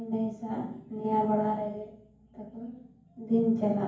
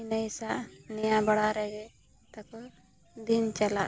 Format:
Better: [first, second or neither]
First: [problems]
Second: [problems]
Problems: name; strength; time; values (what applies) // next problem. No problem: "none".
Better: second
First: room echo; dies away in 0.9 s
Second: none